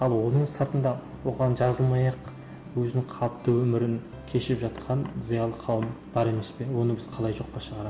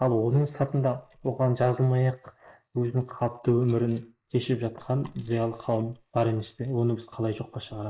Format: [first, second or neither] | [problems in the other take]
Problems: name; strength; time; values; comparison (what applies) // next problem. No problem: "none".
first | noise reduction (neural mask model Resemble Enhance denoiser)